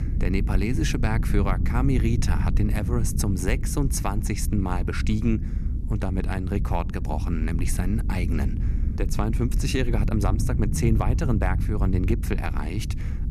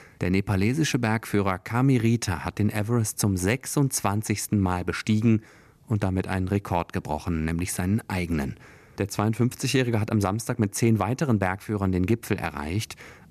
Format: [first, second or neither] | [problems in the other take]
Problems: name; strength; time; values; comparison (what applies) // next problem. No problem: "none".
second | low rumble; loud; throughout; 9 dB below the speech